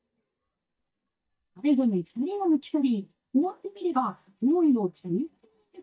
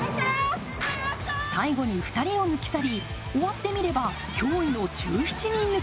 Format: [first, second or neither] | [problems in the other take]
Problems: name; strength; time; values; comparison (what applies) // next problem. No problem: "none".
second | noise reduction (neural mask model DeepFilterNet 3)